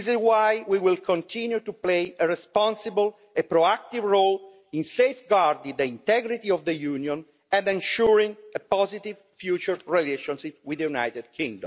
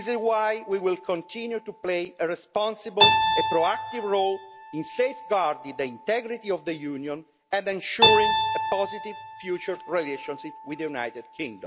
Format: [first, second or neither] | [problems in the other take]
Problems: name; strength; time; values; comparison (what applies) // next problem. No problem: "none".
first | background sound (Keyboard (musical)); 1 dB below the speech